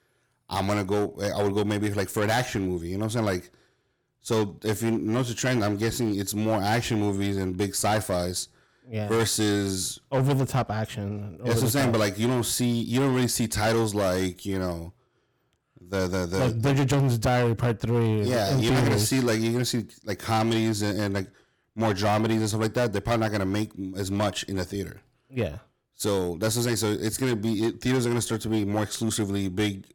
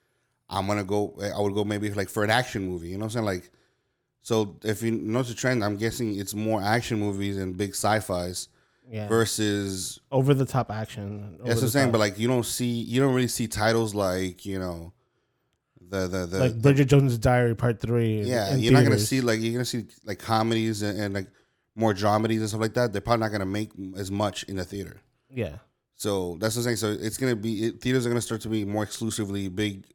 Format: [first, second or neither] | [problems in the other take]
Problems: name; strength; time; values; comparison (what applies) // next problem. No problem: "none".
second | distortion; heavy; 11% of the sound clipped